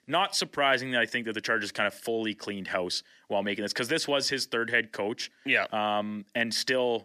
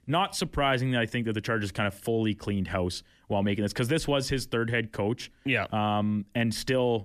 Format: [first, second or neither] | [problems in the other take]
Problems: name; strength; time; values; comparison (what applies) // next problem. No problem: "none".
second | thin; somewhat; fading below 250 Hz